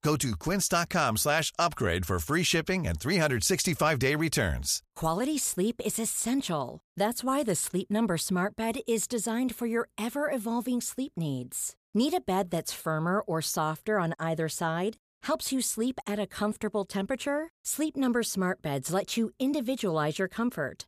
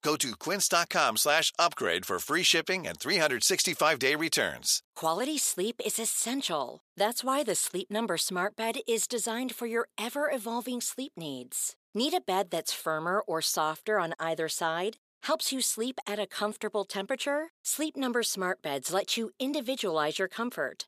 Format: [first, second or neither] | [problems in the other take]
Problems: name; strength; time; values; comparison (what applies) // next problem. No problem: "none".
first | thin; somewhat; fading below 350 Hz